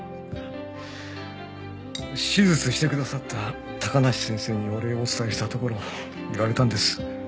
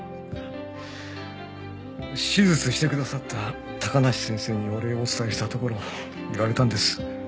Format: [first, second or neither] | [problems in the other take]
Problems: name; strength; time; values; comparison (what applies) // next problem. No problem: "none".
second | background sound (Cutlery, silverware); 18 dB below the speech